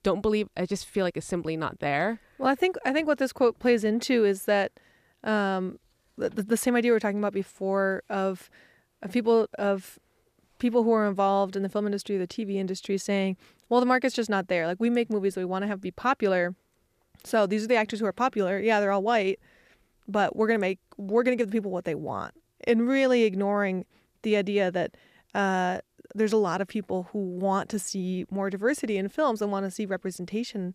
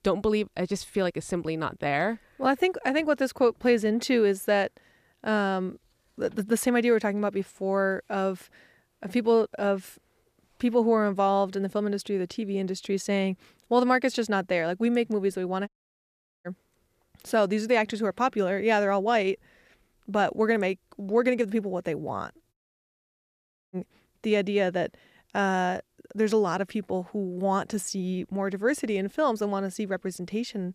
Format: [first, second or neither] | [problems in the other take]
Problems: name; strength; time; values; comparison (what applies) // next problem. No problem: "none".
first | audio cutting out; at 16 s for 1 s and at 23 s for 1 s